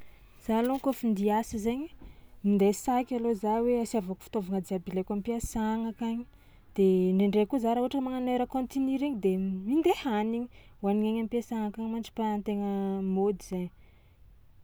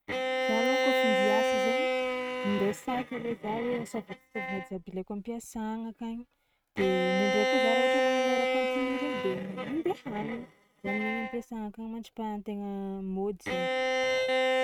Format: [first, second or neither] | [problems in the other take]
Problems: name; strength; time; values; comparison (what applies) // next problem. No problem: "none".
first | noise reduction (neural mask model RNNoise)